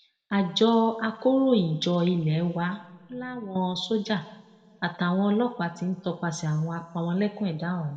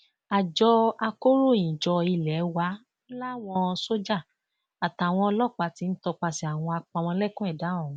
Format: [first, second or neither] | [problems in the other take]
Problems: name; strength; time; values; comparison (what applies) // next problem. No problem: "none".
second | room echo; dies away in 1.6 s